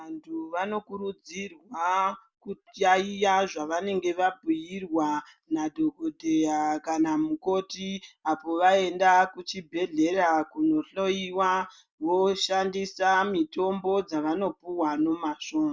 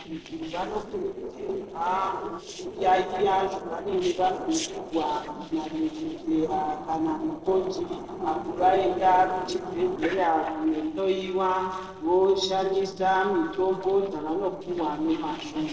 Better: first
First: none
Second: noise reduction (neural separator model SepFormer DNS4)

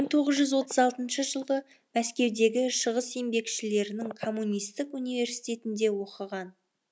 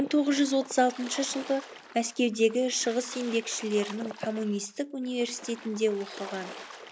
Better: first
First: none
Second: background sound (Splash, splatter); 16 dB below the speech

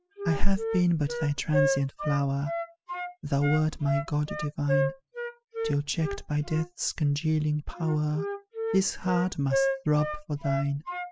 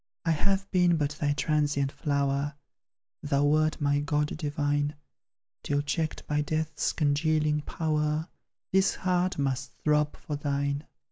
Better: second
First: noise reduction (classical method spectral subtraction)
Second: none

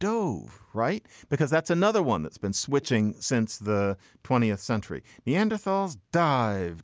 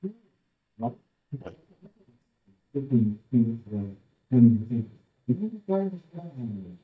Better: first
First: none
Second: noise reduction (neural mask model DeepFilterNet 3)

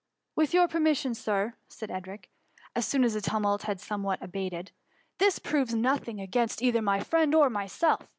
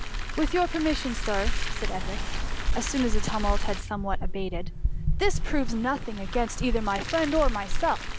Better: first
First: none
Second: background sound (Car); 3 dB above the speech

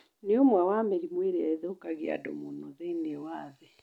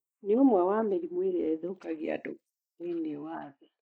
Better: first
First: none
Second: noise reduction (neural mask model Resemble Enhance denoiser)

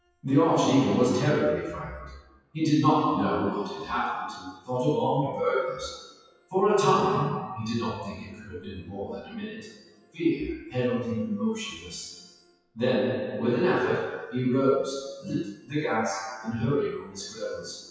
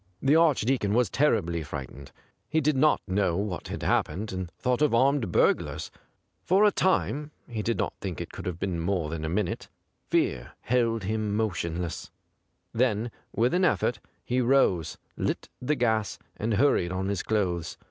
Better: second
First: noise reduction (classical method WPE with log-MMSE)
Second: none

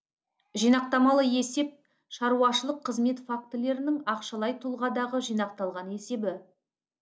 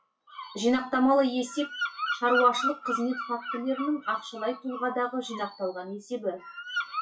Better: first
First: none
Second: noise reduction (classical method WPE with log-MMSE)

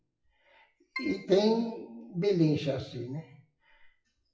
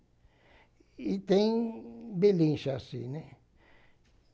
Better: second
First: noise reduction (classical method WPE with log-MMSE)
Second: none

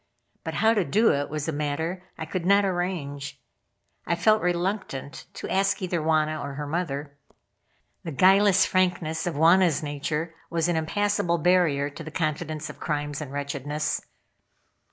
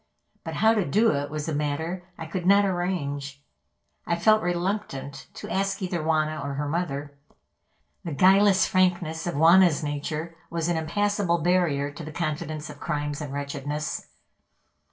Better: first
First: none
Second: room echo; dies away in 0.2 s

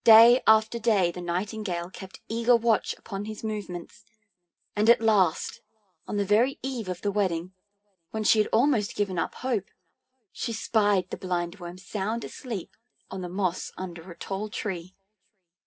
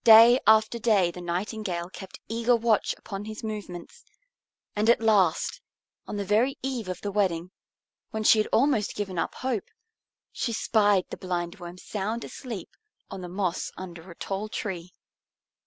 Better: second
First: room echo; dies away in 0.3 s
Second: none

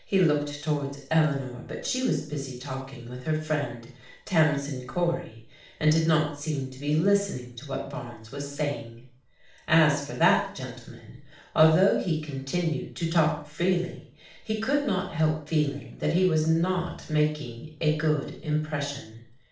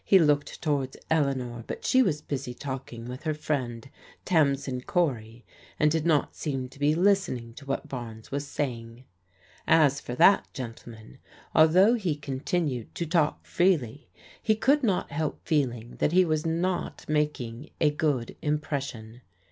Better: second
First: room echo; dies away in 0.5 s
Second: none

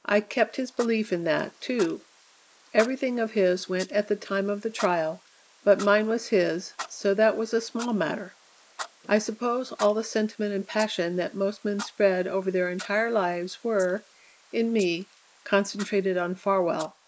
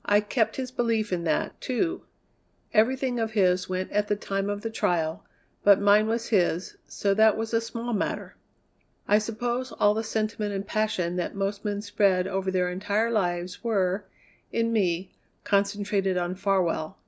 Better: second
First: noise reduction (neural mask model Resemble Enhance denoiser)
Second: none

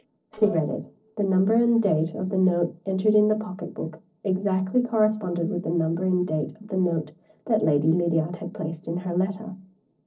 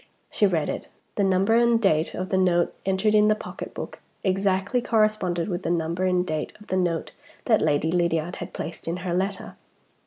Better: second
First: noise reduction (neural separator model SepFormer DNS4)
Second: none

